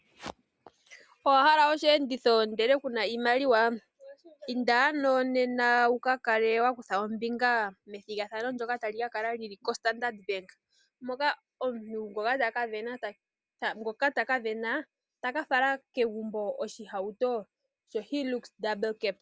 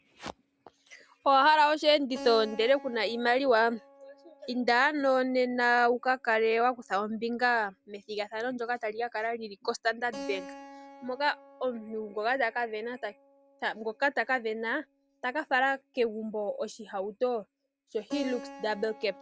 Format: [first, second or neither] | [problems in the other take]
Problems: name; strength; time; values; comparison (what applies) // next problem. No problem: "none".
first | background sound (Keyboard (musical)); 20 dB below the speech